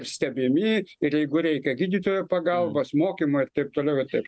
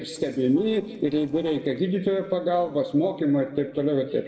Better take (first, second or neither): first